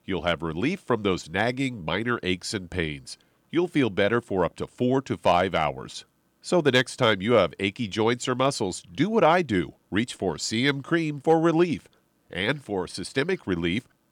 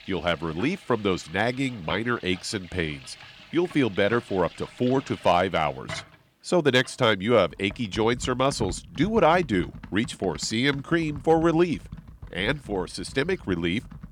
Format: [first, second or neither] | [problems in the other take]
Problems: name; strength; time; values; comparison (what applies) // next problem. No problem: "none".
first | household noises; noticeable; throughout; 20 dB below the speech